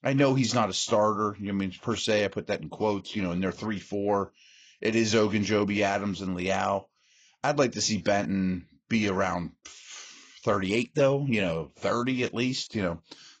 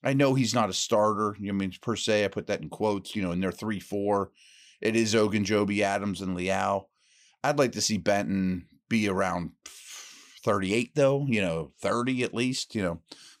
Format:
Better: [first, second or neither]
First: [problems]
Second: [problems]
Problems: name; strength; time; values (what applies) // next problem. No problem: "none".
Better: second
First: garbled, watery; badly; nothing above 7.5 kHz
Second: none